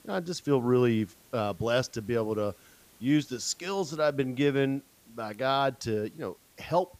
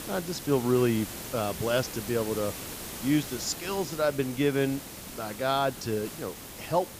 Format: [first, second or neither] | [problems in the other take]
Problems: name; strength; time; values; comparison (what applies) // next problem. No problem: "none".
first | hiss; loud; throughout; 9 dB below the speech; faint in the first